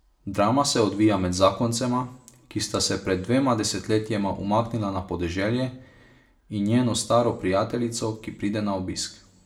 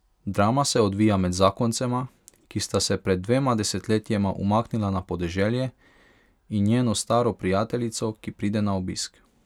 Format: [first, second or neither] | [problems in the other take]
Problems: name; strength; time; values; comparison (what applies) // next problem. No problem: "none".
second | room echo; dies away in 0.4 s